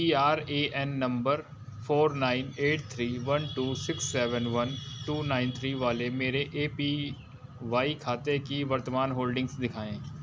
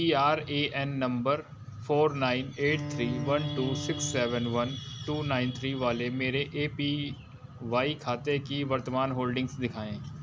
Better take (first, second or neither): first